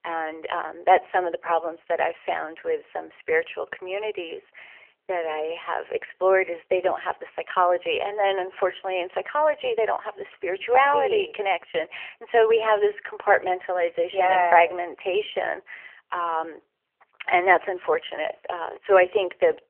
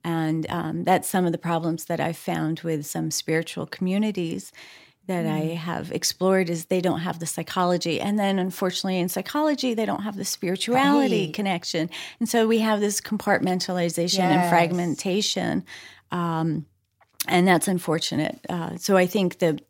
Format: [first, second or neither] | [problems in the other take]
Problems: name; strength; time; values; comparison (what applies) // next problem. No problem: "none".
second | phone-call audio; nothing above 3 kHz